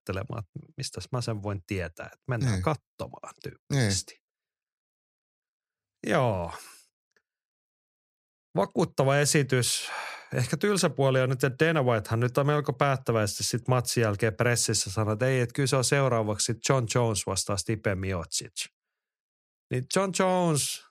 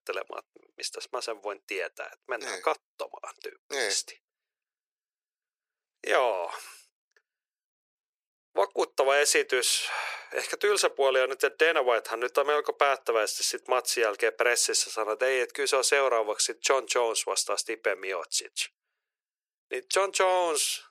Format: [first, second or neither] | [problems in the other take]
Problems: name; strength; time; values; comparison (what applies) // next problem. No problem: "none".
first | thin; very; fading below 400 Hz